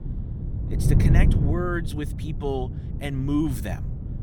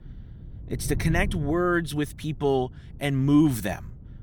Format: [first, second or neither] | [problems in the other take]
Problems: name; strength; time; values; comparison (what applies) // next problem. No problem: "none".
second | wind noise on the microphone; heavy; 6 dB below the speech; occasional gusts in the second